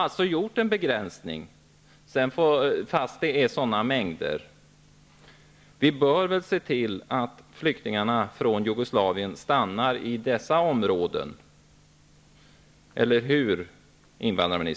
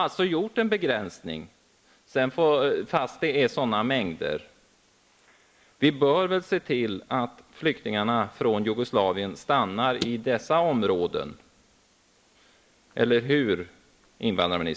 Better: first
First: none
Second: noise reduction (neural mask model Resemble Enhance denoiser)

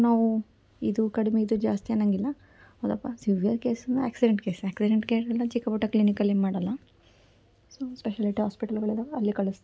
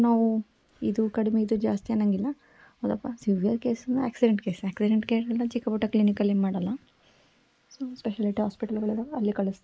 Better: first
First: none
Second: noise reduction (neural mask model Resemble Enhance denoiser)

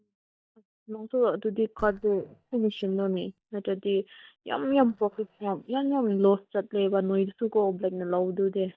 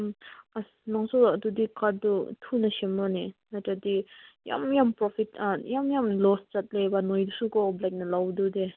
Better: second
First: noise reduction (neural mask model DeepFilterNet 3)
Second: none

